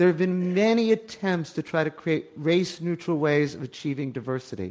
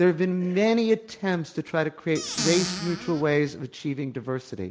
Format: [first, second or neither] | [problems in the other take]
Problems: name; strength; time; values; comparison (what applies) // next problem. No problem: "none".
first | background sound (Squeak / Cupboard open or close); 6 dB below the speech